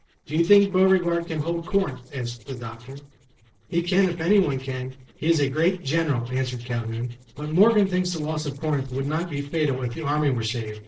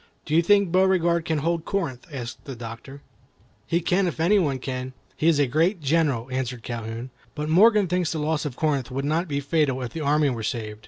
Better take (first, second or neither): second